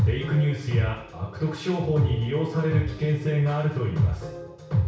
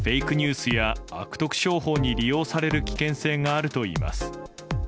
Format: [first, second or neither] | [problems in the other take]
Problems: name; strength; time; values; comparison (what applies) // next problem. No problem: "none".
second | room echo; dies away in 0.6 s